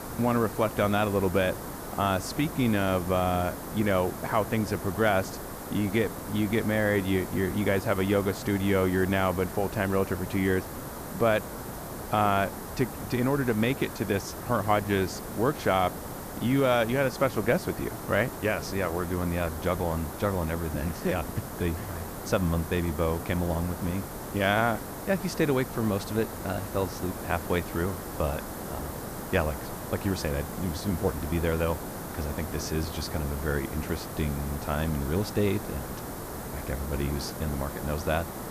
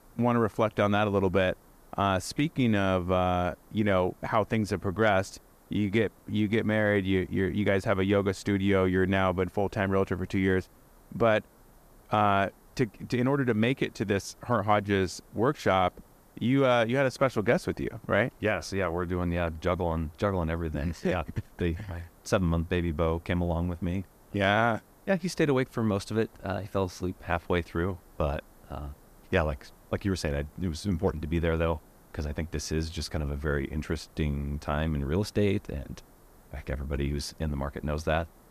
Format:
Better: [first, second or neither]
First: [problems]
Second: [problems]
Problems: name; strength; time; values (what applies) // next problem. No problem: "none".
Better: second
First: hiss; loud; throughout; 9 dB below the speech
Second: hiss; faint; throughout; 30 dB below the speech